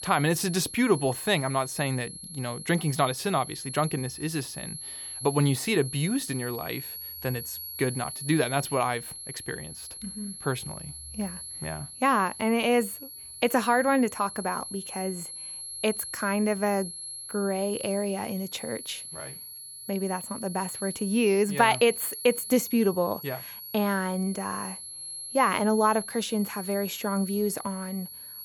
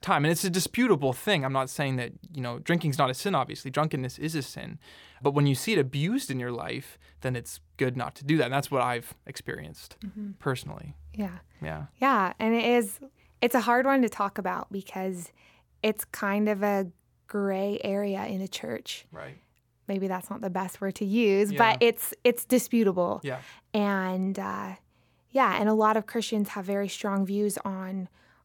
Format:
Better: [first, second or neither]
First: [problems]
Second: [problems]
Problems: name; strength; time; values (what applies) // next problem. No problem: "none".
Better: second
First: high-pitched whine; loud; throughout; 11 kHz, 9 dB below the speech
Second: none